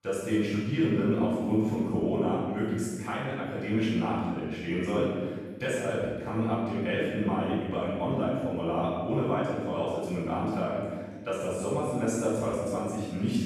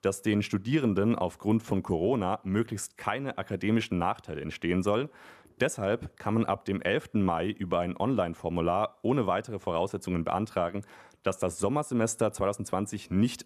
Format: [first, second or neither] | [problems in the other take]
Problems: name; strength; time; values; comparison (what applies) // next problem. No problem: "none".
second | off-mic speech; far // room echo; strong; dies away in 1.4 s